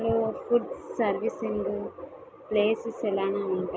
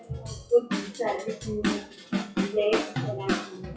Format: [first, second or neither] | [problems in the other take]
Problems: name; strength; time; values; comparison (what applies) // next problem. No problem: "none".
first | noise reduction (classical method WPE with log-MMSE)